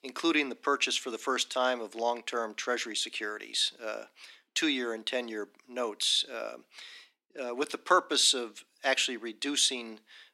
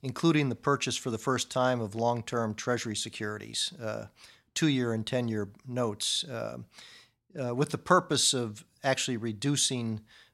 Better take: second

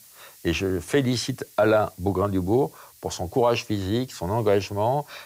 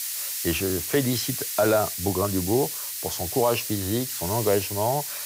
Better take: first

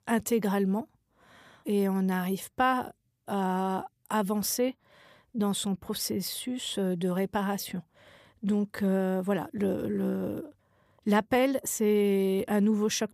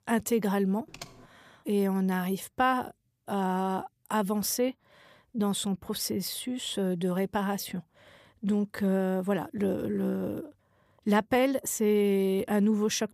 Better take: first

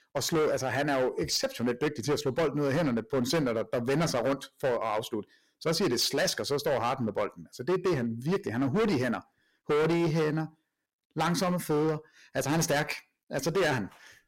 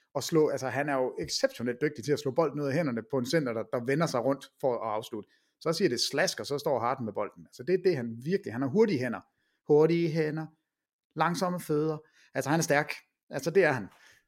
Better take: second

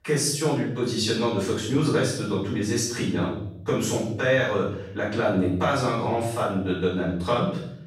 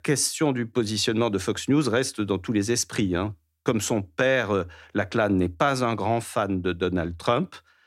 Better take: second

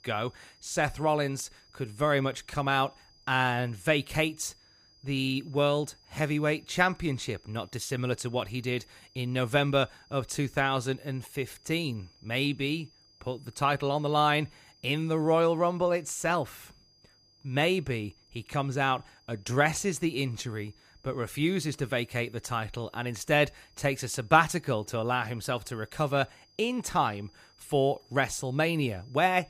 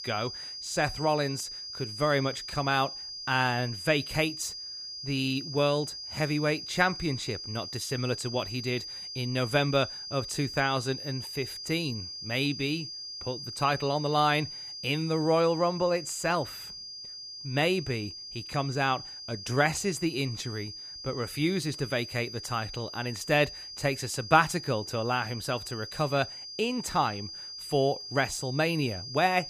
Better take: first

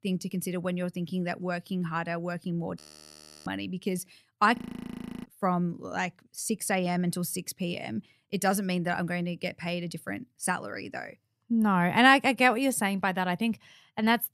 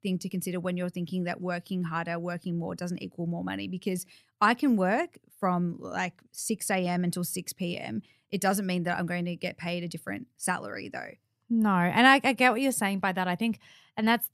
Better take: second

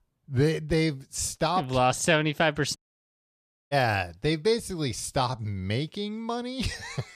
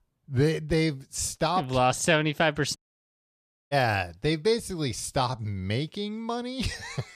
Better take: neither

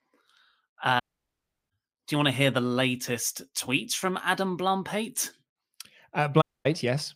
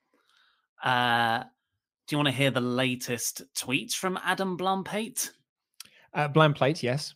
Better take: second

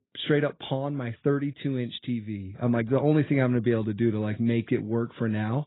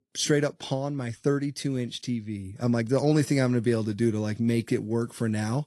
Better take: second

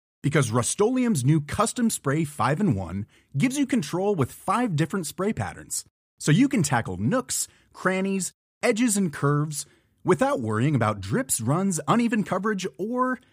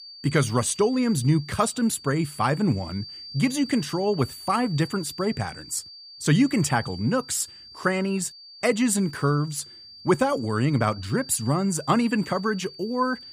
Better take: first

